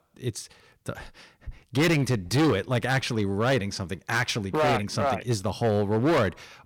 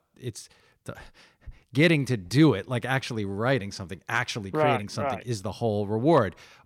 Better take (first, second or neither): second